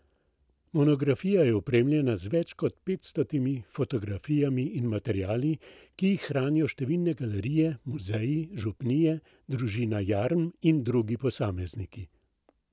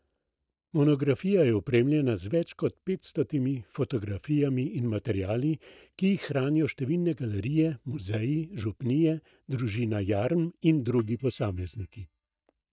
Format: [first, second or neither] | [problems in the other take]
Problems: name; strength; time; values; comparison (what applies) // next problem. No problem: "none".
first | noise reduction (neural mask model DeepFilterNet 3)